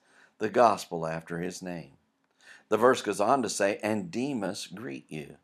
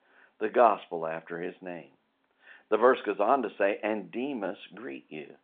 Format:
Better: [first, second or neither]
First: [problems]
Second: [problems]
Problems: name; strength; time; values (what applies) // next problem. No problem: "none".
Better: first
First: none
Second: phone-call audio; nothing above 3.5 kHz